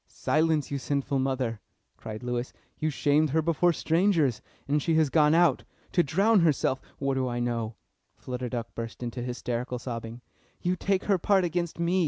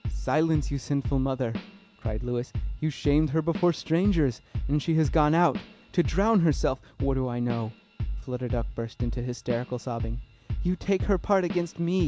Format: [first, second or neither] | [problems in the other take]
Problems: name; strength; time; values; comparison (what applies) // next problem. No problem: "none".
first | background sound (Drum / Drum kit); 6 dB below the speech